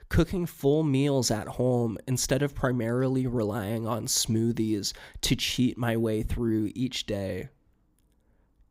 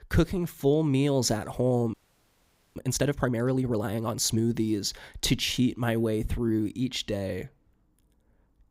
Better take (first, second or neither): first